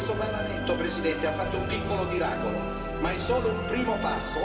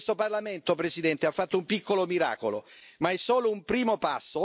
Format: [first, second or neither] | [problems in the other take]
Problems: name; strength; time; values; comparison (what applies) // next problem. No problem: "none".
second | background sound (Musical instrument); 1 dB below the speech // room echo; dies away in 1.9 s